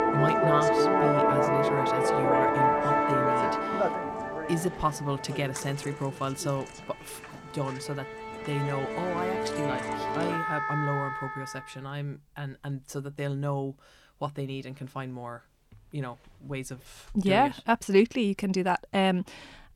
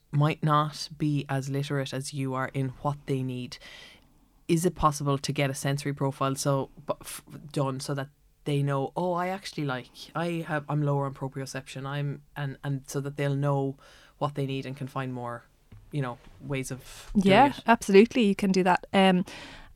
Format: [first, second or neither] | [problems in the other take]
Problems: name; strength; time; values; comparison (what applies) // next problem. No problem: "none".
second | background music; very loud; until 11 s; 4 dB above the speech